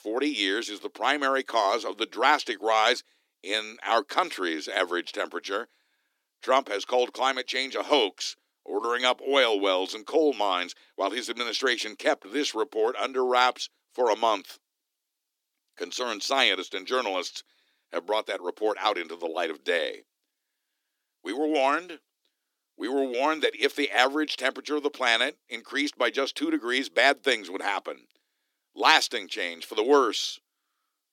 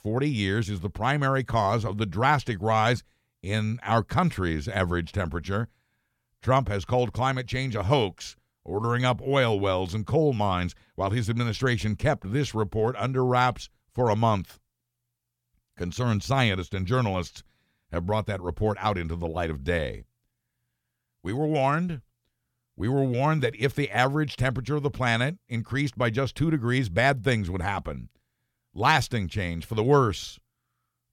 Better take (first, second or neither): second